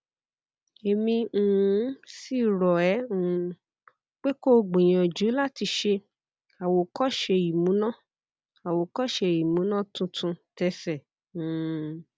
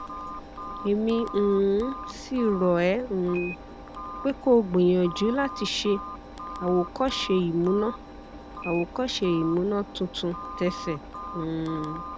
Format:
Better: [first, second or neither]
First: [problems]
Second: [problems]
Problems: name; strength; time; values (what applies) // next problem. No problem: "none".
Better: first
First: none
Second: background sound (Engine + Telephone); 12 dB below the speech